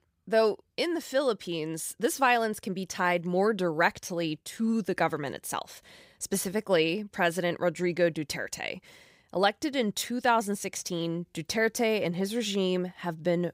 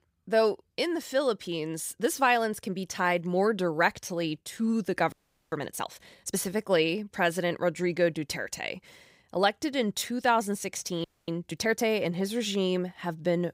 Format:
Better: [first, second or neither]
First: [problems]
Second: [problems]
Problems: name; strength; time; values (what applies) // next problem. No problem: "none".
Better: first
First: none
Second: audio freezing; at 5 s and at 11 s